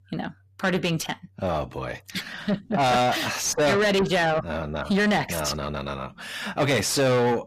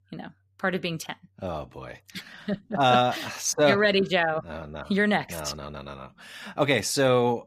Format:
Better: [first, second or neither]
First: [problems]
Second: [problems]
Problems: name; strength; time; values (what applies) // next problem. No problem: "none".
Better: second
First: distortion; heavy; 6 dB below the speech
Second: none